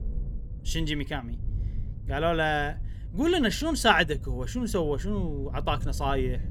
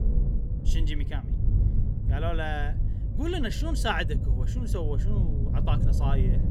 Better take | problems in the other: first | low rumble; loud; throughout; 8 dB below the speech; faint in the first

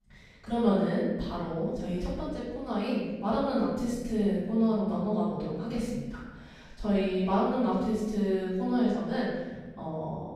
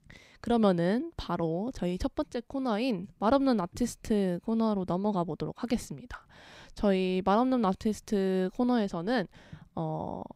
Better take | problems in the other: second | off-mic speech; far // room echo; strong; dies away in 1.2 s

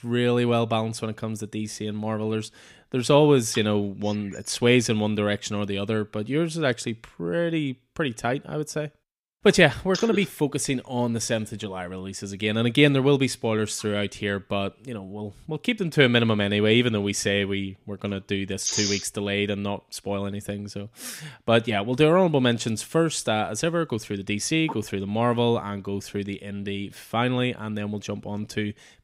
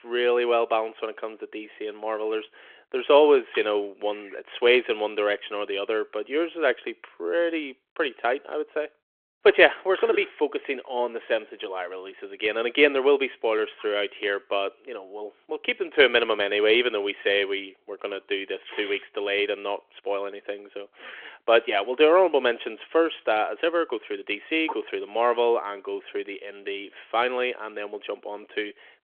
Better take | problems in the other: first | phone-call audio; nothing above 3.5 kHz

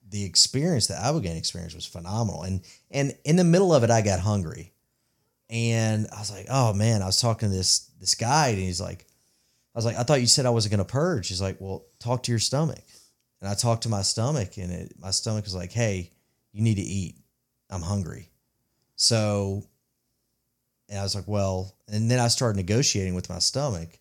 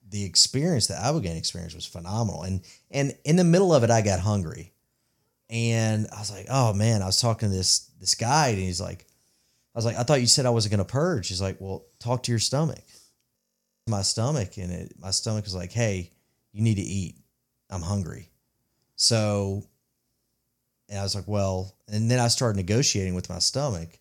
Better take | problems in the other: first | audio freezing; at 13 s for 0.5 s

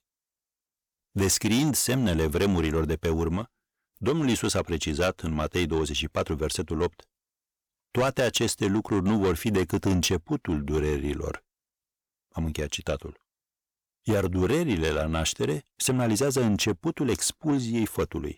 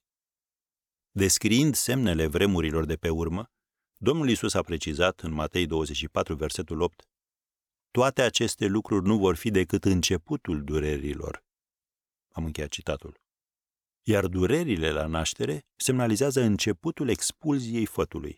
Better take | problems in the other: second | distortion; slight; 10 dB below the speech

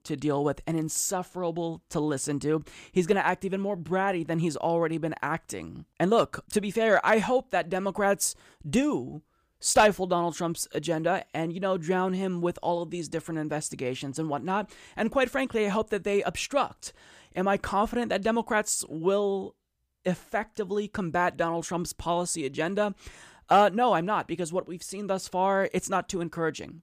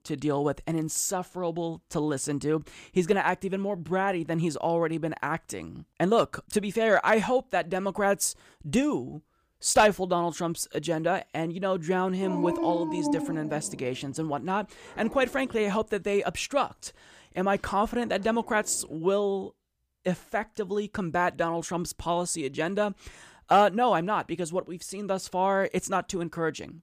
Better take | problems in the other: first | dog barking; noticeable; from 12 to 15 s; peak 2 dB below the speech

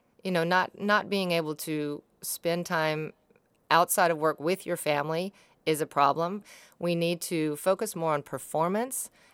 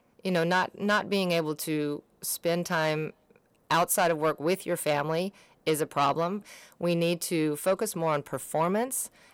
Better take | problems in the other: first | distortion; slight; 10 dB below the speech

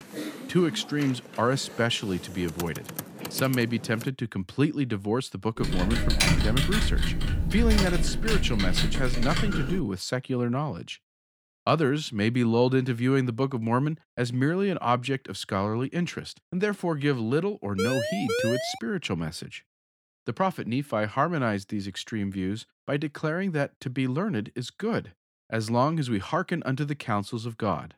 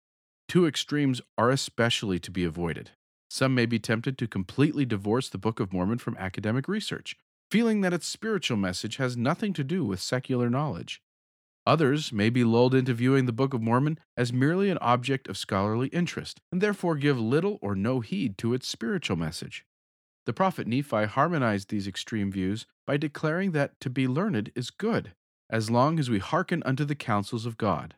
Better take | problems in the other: second | keyboard typing; noticeable; until 4 s; peak 7 dB below the speech // keyboard typing; loud; from 5.5 to 10 s; peak 5 dB above the speech // siren; loud; from 18 to 19 s; peak level with the speech

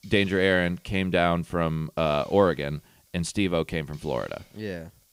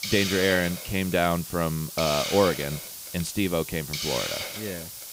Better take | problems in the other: first | hiss; loud; throughout; 5 dB below the speech; faint in the first

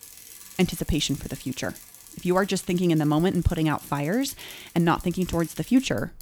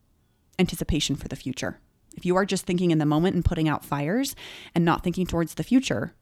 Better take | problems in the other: second | traffic noise; noticeable; throughout; 20 dB below the speech

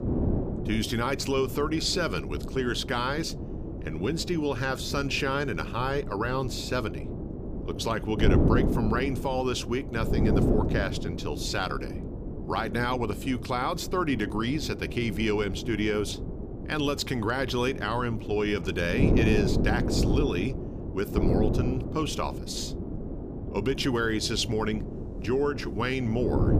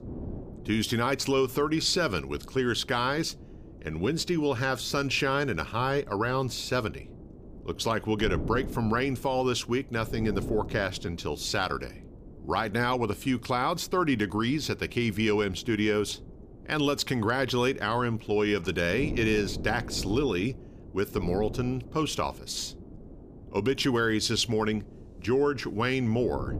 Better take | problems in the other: second | wind noise on the microphone; heavy; 8 dB below the speech; occasional gusts in the second

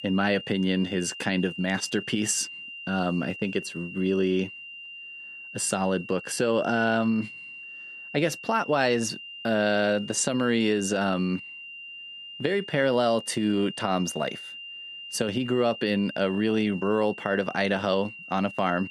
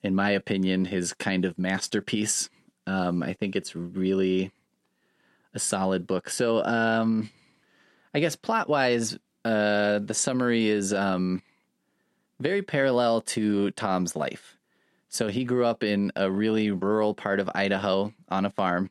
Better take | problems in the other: second | high-pitched whine; noticeable; throughout; 3 kHz, 10 dB below the speech

